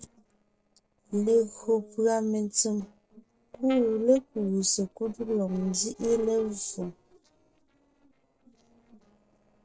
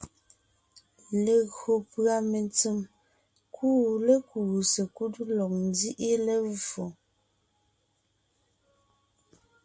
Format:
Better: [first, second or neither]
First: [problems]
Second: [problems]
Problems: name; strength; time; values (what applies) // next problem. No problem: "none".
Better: second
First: noise reduction (neural separator model SepFormer DNS4)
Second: none